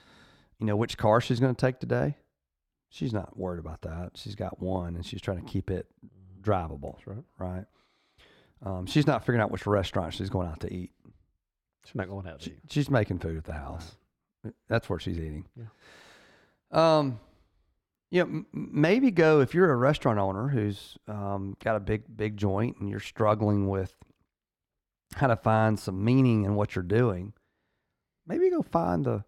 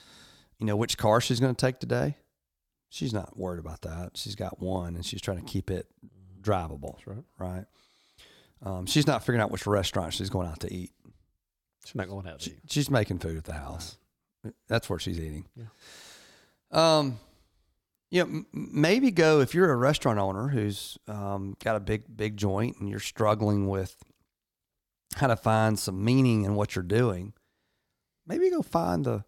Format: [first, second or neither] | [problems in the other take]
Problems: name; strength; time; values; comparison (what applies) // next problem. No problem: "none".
second | muffled; slightly; fading above 3.5 kHz